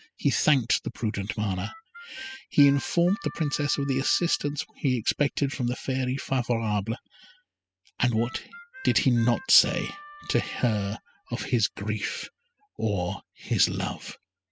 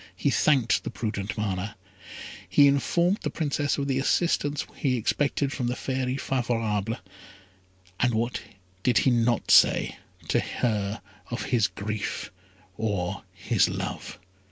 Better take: second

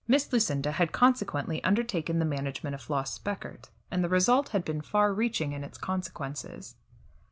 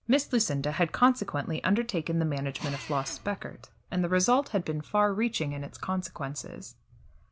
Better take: first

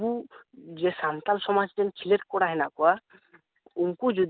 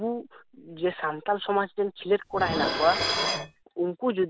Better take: first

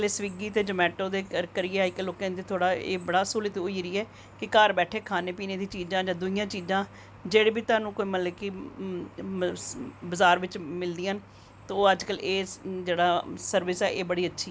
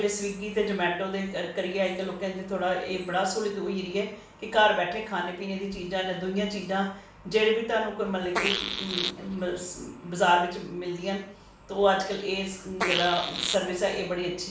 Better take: first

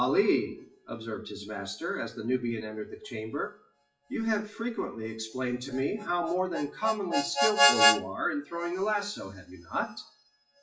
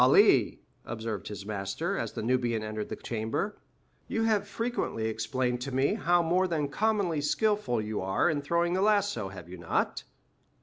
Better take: second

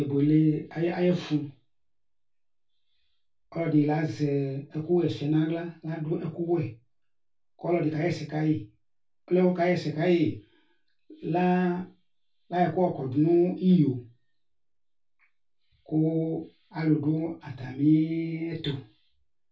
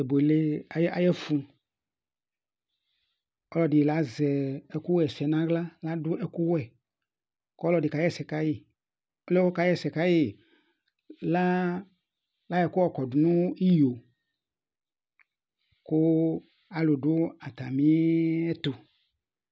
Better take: second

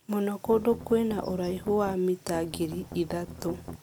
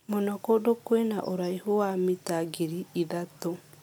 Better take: second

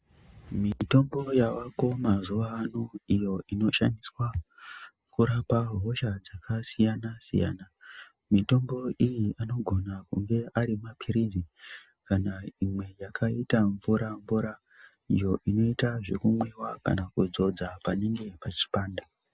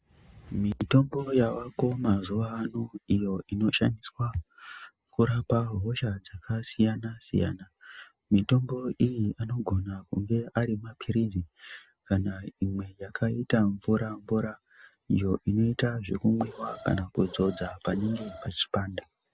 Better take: first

